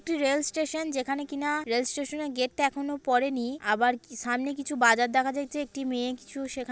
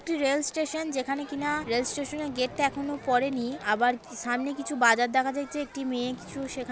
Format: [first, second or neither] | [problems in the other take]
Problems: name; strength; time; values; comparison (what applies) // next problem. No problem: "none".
first | background sound (Crowd + Wild animals); 17 dB below the speech